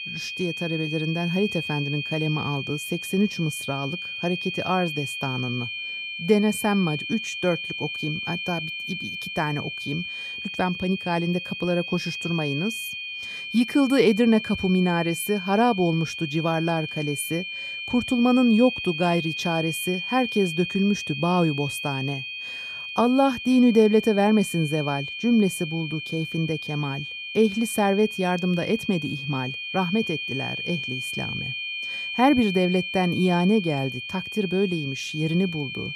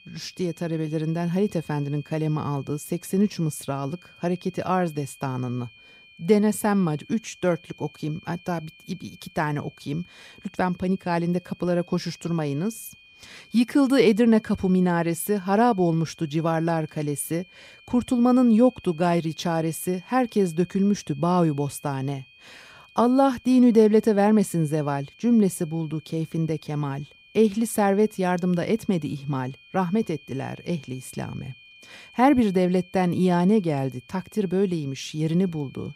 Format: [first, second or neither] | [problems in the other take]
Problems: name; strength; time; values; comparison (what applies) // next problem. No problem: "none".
second | high-pitched whine; loud; throughout; 2.5 kHz, 6 dB below the speech; faint in the second